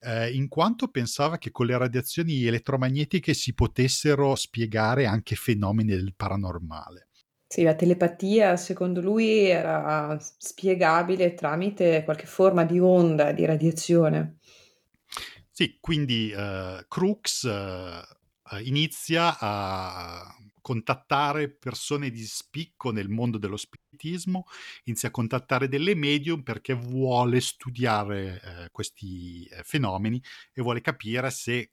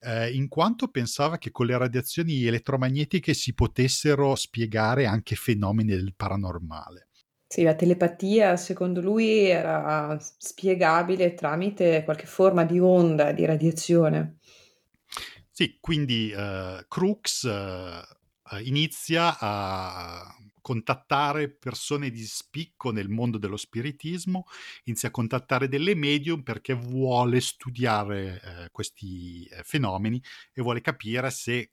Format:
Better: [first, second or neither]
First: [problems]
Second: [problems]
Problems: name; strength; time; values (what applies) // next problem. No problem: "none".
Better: second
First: audio cutting out; at 24 s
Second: none